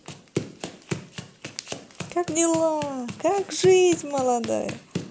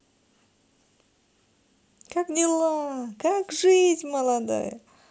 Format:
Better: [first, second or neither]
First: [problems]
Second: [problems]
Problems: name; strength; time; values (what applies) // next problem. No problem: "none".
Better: second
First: background sound (Run); 11 dB below the speech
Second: none